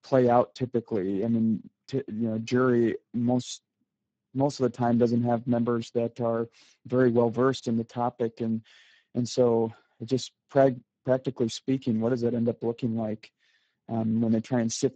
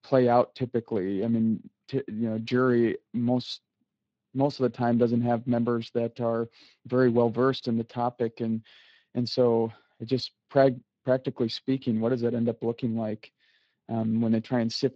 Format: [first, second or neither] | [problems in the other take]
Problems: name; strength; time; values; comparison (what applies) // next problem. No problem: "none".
second | garbled, watery; badly; nothing above 7.5 kHz; slightly in the second